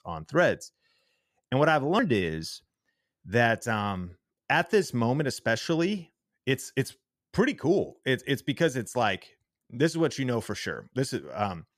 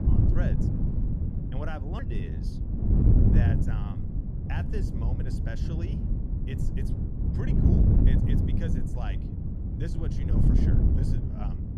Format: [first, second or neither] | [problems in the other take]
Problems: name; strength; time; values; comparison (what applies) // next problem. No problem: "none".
first | wind noise on the microphone; heavy; 5 dB above the speech